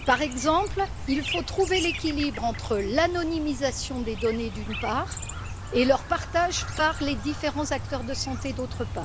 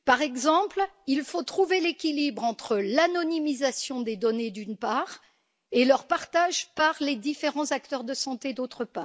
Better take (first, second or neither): second